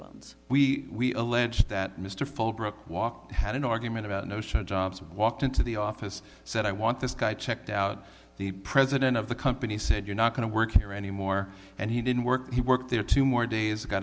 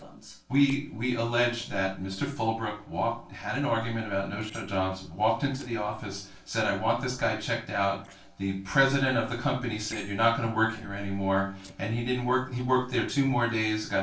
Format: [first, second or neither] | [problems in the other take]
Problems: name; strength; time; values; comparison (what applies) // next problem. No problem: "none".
first | noise reduction (neural separator model SepFormer DNS4)